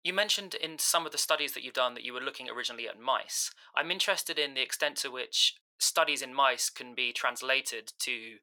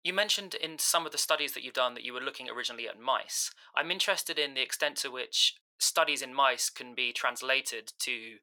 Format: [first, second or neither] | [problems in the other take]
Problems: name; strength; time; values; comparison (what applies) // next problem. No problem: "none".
neither | thin; very; fading below 800 Hz; the same in both